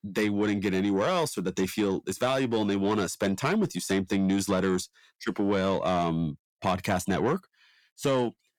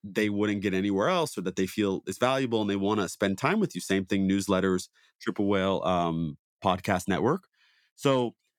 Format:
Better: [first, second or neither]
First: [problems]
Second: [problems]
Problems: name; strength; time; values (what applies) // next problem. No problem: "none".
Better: second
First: distortion; slight; 10 dB below the speech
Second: none